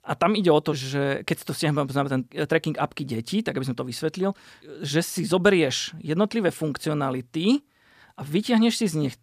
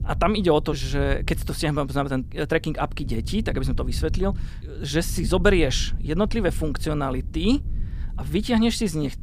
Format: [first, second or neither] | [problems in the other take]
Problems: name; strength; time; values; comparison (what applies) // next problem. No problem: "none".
first | low rumble; faint; throughout; 20 dB below the speech